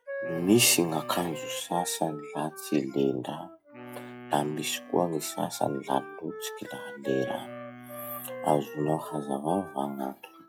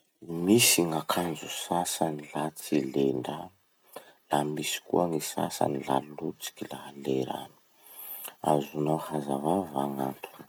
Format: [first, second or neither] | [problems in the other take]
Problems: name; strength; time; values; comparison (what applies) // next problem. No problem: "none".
second | noise reduction (classical method log-MMSE)